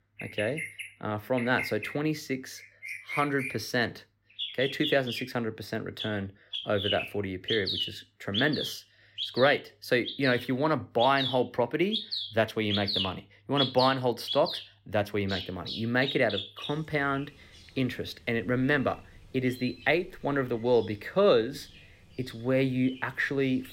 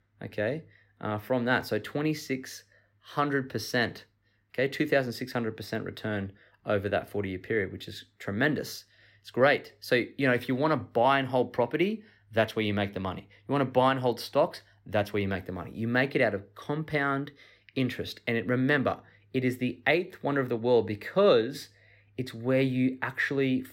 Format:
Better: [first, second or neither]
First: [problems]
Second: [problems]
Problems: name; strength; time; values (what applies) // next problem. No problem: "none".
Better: second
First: animal sounds; loud; throughout; 6 dB below the speech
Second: none